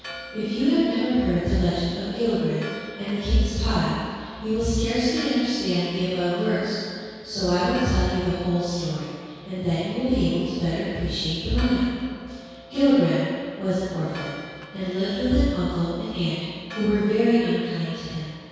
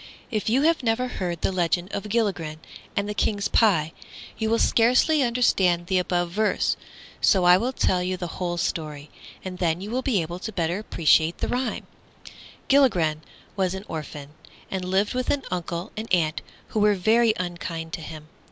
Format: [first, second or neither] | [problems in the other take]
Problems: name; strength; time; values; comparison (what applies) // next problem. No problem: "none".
second | background sound (Church bell); 20 dB below the speech // room echo; dies away in 2 s